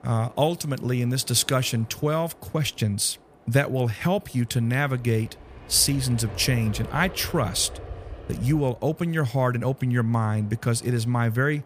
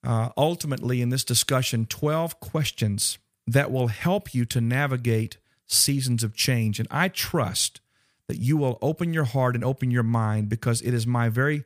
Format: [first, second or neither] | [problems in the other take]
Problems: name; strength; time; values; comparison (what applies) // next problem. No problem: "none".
second | train or aircraft noise; noticeable; throughout; 20 dB below the speech